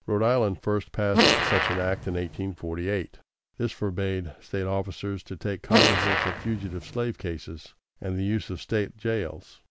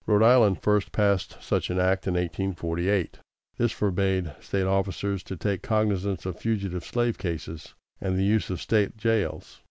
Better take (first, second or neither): second